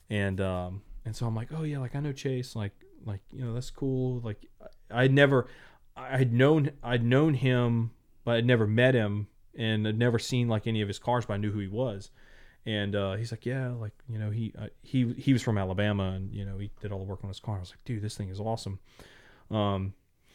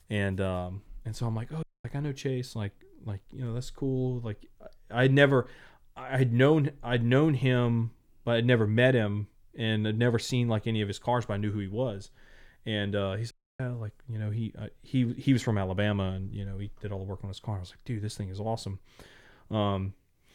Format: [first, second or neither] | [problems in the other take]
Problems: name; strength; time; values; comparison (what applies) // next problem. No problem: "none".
first | audio cutting out; at 1.5 s and at 13 s